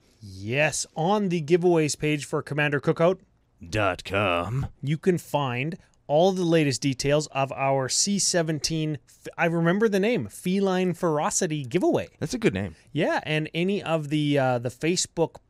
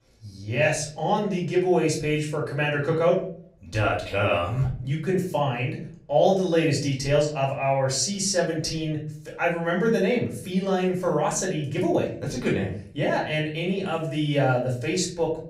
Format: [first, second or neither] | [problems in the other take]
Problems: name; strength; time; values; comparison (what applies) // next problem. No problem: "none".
first | off-mic speech; far // room echo; slight; dies away in 0.4 s